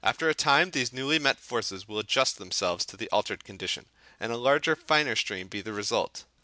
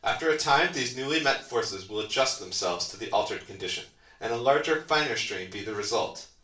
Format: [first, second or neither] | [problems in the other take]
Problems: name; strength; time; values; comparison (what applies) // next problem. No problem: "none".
first | room echo; dies away in 0.3 s